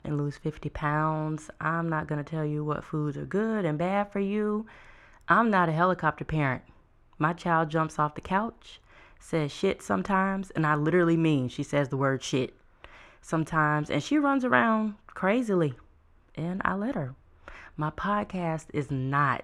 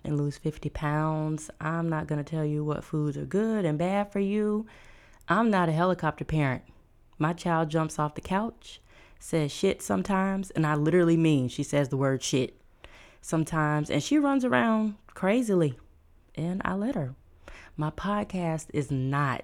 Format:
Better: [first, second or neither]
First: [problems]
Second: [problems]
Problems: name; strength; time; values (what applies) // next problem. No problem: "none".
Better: second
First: muffled; very slightly; fading above 2.5 kHz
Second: none